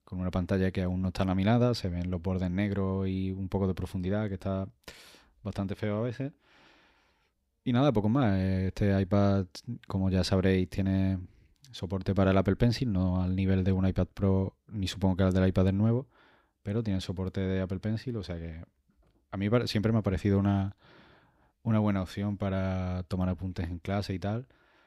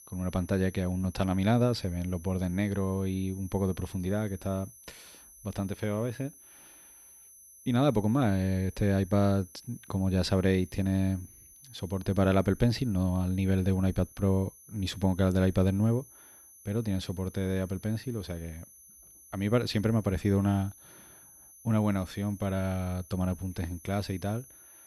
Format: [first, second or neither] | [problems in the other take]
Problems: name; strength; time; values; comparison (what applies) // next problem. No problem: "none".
first | high-pitched whine; faint; throughout; 6 kHz, 20 dB below the speech